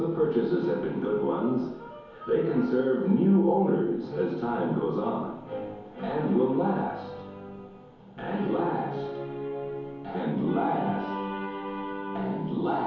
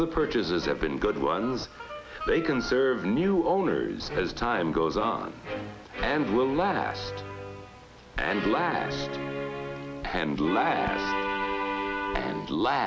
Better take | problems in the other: second | room echo; dies away in 1 s

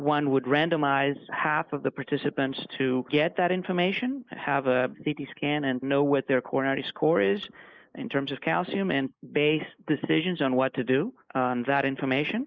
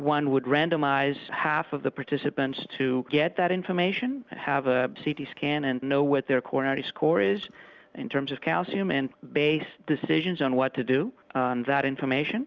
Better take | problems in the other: second | noise reduction (neural mask model Resemble Enhance denoiser)

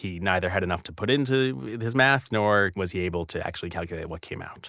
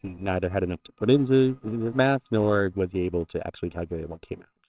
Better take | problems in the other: first | noise reduction (neural separator model SepFormer WHAMR!)

